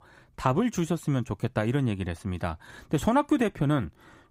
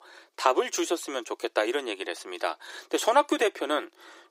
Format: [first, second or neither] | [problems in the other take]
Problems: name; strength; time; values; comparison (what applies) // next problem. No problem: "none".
first | thin; very; fading below 350 Hz